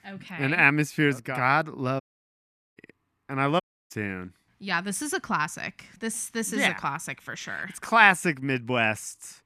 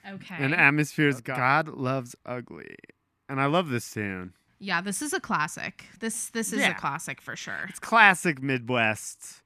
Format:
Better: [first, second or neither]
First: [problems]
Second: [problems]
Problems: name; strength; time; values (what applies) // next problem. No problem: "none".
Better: second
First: audio cutting out; at 2 s for 1 s and at 3.5 s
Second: none